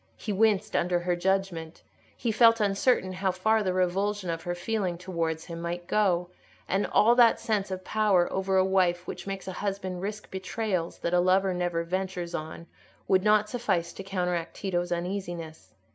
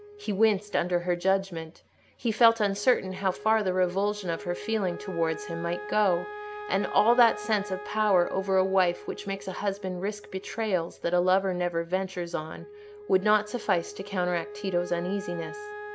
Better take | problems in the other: first | background sound (Wind instrument, woodwind instrument); 14 dB below the speech

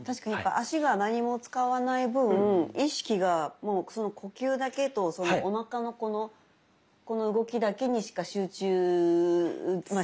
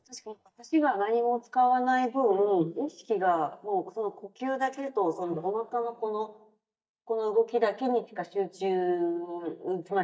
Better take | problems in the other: first | noise reduction (neural mask model DeepFilterNet 3)

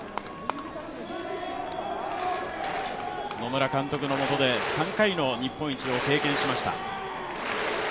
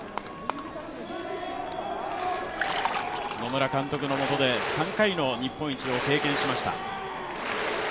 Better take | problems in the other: first | background sound (Liquid); 13 dB below the speech

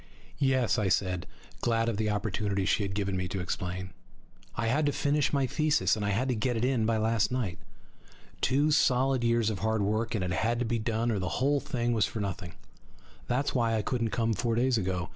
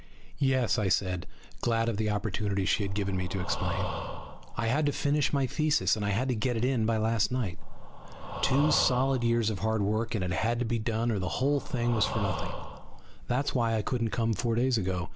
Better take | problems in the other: first | background sound (Breathing); 11 dB below the speech

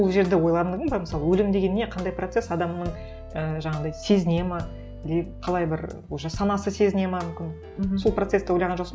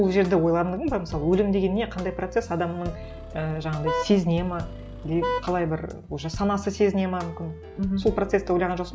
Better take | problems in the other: first | background sound (Vehicle horn, car horn, honking); 8 dB below the speech

